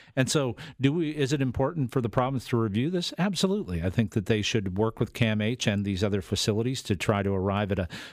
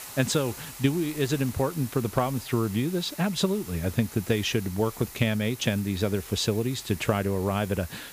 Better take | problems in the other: first | hiss; noticeable; throughout; 15 dB below the speech

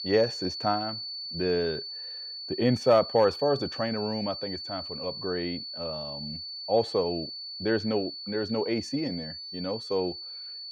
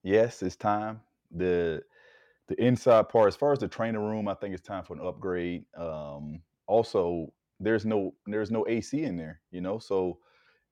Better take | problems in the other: second | high-pitched whine; loud; throughout; 4.5 kHz, 7 dB below the speech

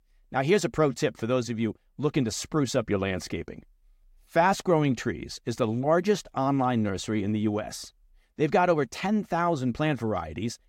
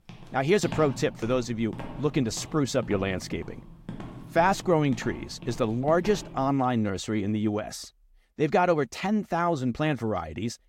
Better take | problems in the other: first | footsteps; noticeable; until 6.5 s; peak 8 dB below the speech

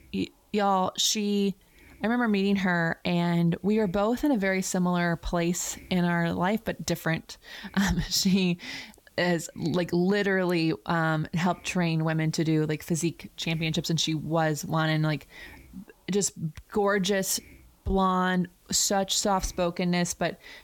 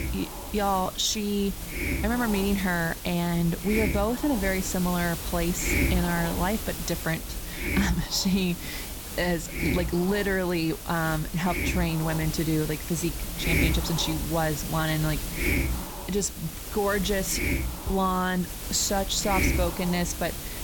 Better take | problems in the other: first | hiss; loud; throughout; 4 dB below the speech; faint in the first

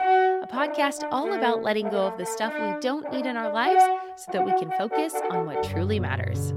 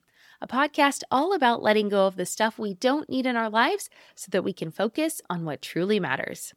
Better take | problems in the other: second | background music; very loud; throughout; 2 dB above the speech

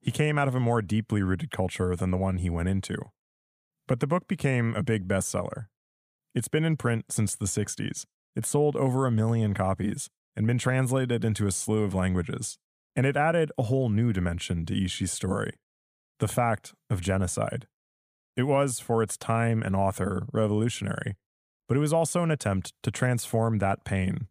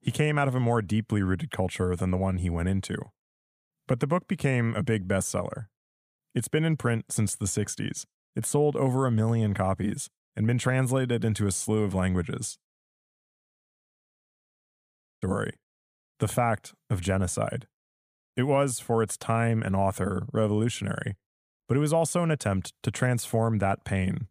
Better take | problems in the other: first | audio cutting out; at 13 s for 2.5 s

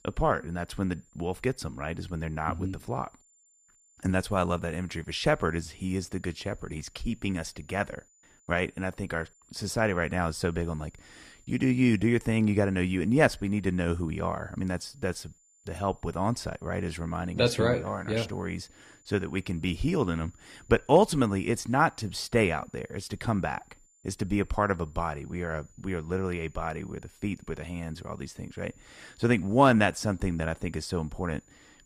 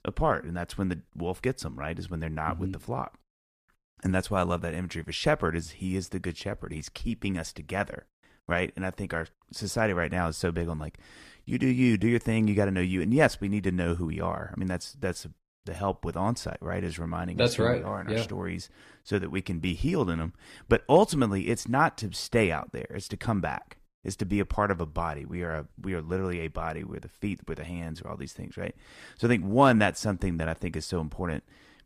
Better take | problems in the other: second | high-pitched whine; faint; throughout; 7 kHz, 30 dB below the speech

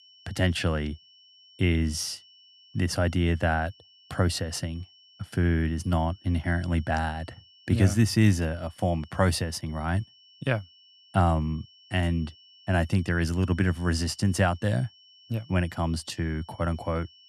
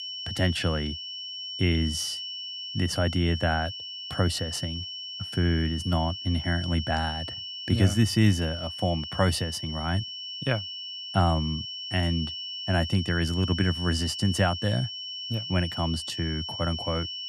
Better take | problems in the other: first | high-pitched whine; loud; throughout; 3 kHz, 6 dB below the speech; faint in the first

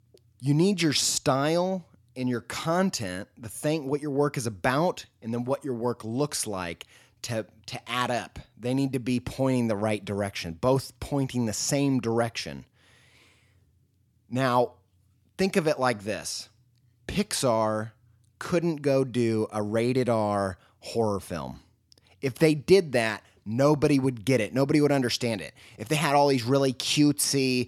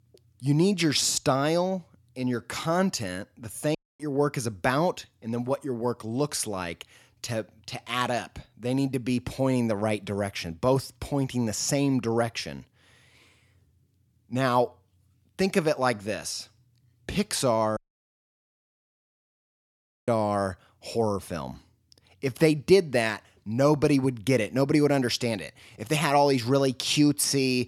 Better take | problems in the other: first | audio cutting out; at 4 s and at 18 s for 2.5 s

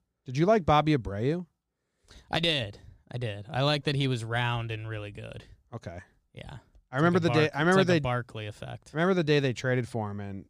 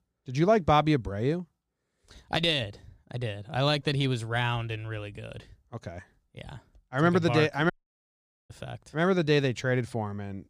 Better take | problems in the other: first | audio cutting out; at 7.5 s for 1 s

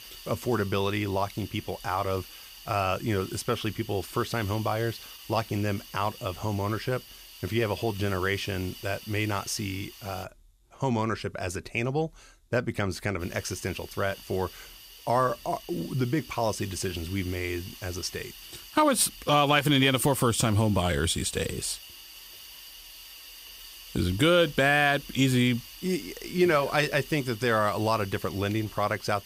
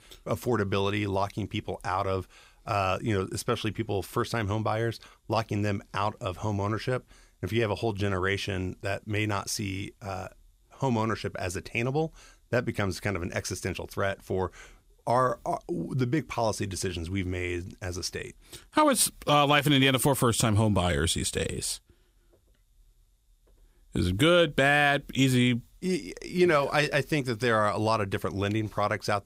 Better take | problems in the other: second | hiss; noticeable; until 10 s and from 13 s on; 15 dB below the speech

